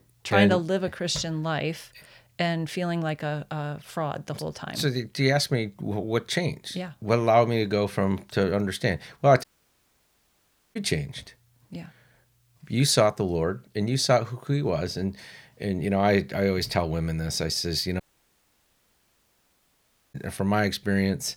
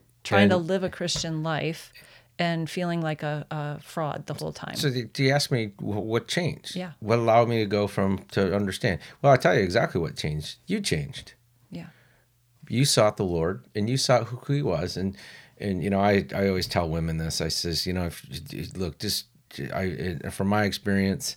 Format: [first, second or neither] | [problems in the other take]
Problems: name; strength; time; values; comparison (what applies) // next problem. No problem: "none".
second | audio cutting out; at 9.5 s for 1.5 s and at 18 s for 2 s